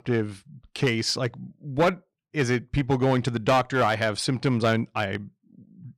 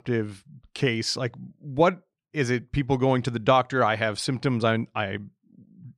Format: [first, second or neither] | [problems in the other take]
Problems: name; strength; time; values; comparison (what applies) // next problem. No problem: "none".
second | distortion; slight; 4% of the sound clipped